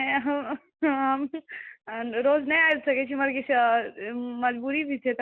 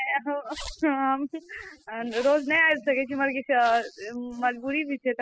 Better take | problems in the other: first | noise reduction (classical method spectral subtraction)

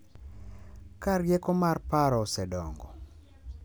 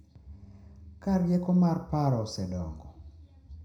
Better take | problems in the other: first | room echo; dies away in 0.5 s

